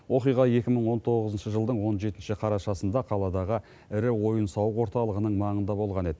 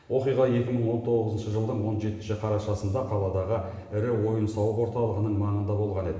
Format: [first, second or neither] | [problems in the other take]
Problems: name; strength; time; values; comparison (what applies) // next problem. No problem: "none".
first | room echo; dies away in 1.1 s